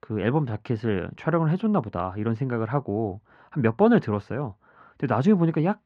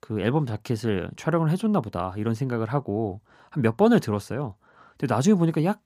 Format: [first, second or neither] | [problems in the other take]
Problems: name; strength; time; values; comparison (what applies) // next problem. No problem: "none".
second | muffled; slightly; fading above 2 kHz